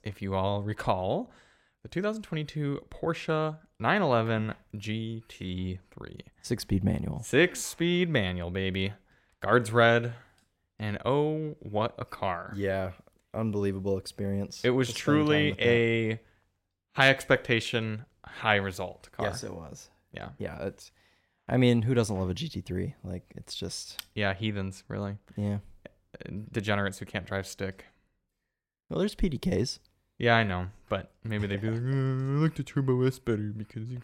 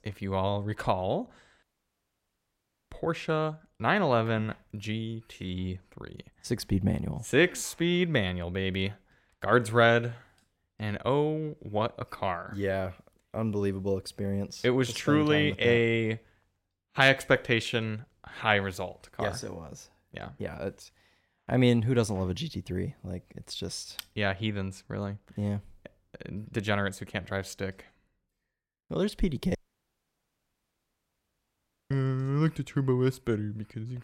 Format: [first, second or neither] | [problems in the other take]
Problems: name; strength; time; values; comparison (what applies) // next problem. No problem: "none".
first | audio cutting out; at 1.5 s for 1.5 s and at 30 s for 2.5 s